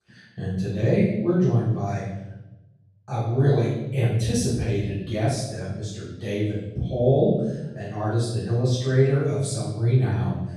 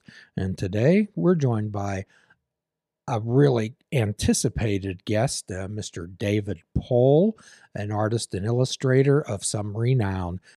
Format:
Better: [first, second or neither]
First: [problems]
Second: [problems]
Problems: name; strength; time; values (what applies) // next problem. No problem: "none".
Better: second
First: off-mic speech; far // room echo; strong; dies away in 0.9 s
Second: none